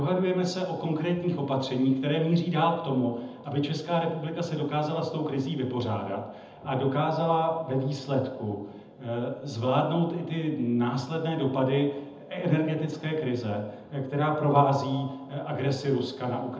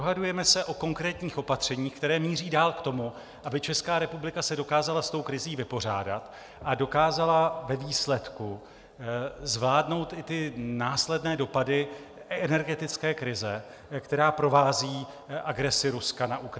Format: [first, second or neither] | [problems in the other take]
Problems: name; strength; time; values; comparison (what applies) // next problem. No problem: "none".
second | room echo; dies away in 0.8 s